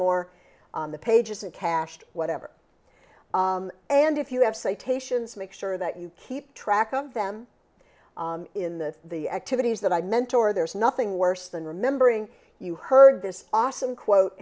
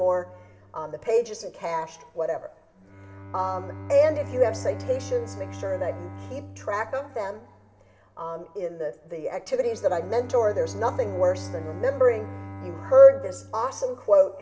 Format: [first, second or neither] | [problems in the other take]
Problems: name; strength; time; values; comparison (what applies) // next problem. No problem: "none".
first | background sound (Bowed string instrument); 14 dB below the speech // room echo; dies away in 1.8 s